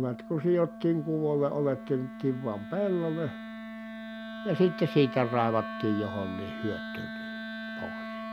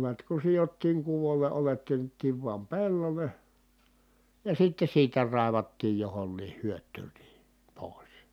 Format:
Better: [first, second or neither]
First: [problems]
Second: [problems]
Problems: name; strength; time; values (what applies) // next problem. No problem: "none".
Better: second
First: background sound (Wind instrument, woodwind instrument); 9 dB below the speech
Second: none